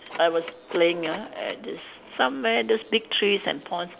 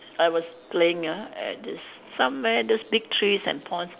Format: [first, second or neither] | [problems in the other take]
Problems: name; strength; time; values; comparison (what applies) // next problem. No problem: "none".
second | background sound (Telephone); 19 dB below the speech